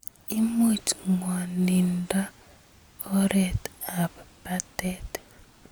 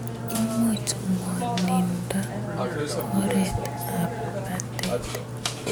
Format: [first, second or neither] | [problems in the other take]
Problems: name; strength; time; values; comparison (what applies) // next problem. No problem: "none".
first | background sound (Burping, eructation); 1 dB below the speech